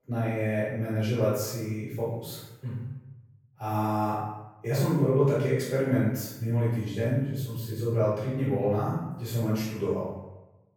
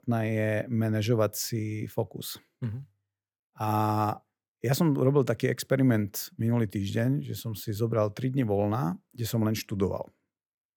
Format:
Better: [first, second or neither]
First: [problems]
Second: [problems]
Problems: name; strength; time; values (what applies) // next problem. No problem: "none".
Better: second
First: off-mic speech; far // room echo; strong; dies away in 0.8 s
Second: none